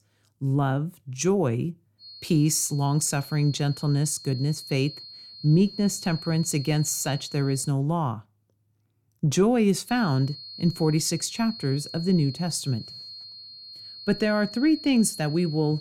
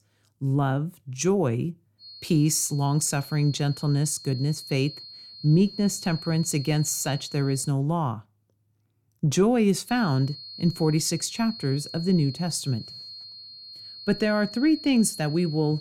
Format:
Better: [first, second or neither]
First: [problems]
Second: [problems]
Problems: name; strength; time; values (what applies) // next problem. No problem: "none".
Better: neither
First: high-pitched whine; noticeable; from 2 to 7.5 s and from 10 s on; 4.5 kHz, 15 dB below the speech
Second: high-pitched whine; noticeable; from 2 to 7.5 s and from 10 s on; 4.5 kHz, 15 dB below the speech